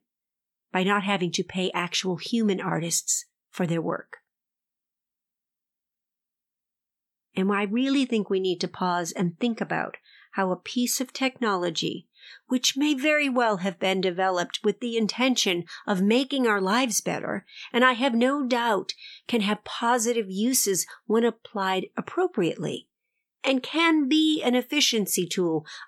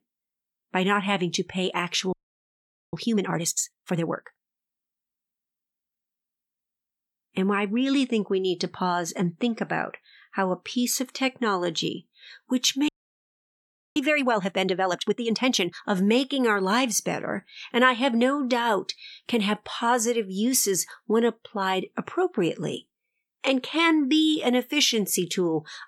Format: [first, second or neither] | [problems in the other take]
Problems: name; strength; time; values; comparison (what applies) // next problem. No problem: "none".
first | audio freezing; at 2 s for 1 s and at 13 s for 1 s